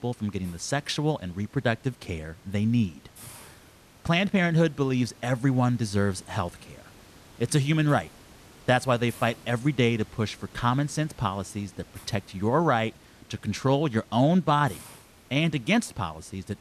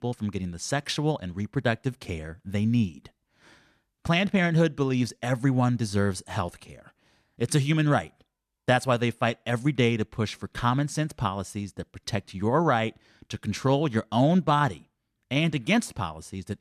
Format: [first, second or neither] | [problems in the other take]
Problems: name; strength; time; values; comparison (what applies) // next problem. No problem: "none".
second | hiss; faint; throughout; 25 dB below the speech